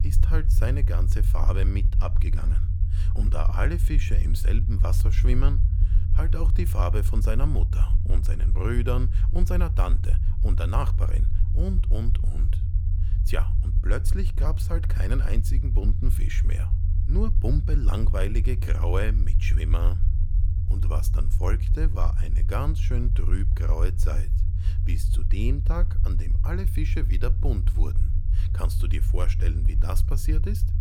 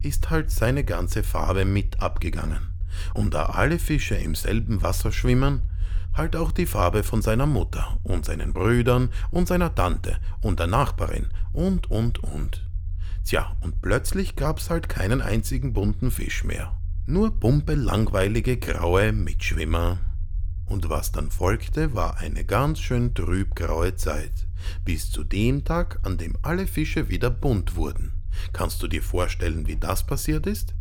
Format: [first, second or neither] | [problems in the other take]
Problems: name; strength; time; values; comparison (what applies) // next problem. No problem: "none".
second | low rumble; loud; throughout; 7 dB below the speech; faint in the second